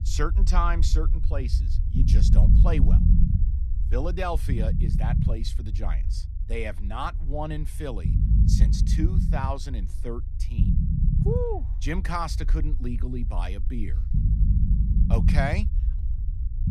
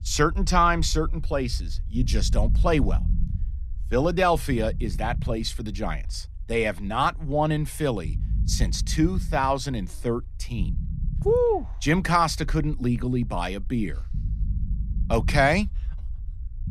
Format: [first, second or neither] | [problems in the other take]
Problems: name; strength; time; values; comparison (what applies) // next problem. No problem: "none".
second | low rumble; loud; throughout; 7 dB below the speech; faint in the second